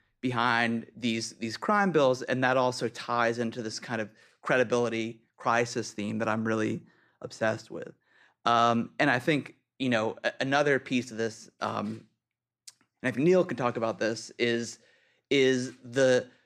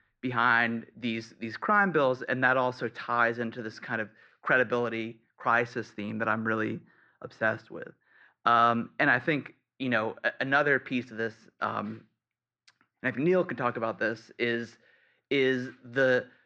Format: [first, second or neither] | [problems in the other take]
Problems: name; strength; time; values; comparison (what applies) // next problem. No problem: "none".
first | muffled; slightly; fading above 3.5 kHz